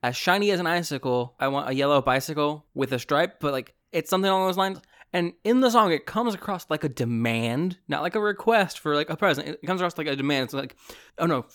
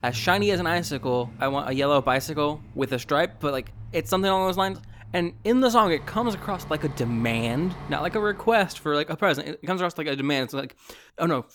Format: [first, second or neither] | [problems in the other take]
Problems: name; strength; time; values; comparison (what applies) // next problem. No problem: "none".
first | traffic noise; noticeable; until 8 s; 15 dB below the speech